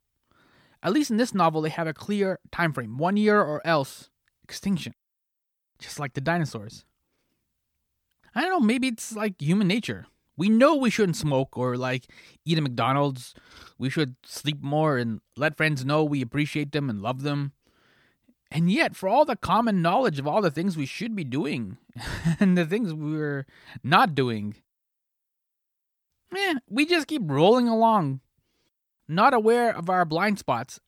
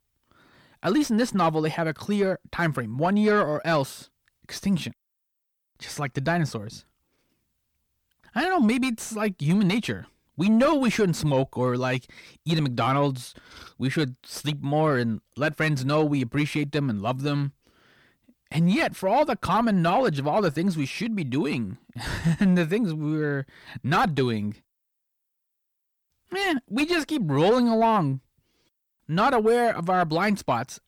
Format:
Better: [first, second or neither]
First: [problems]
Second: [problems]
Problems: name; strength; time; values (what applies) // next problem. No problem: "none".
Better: first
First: none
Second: distortion; slight; 10 dB below the speech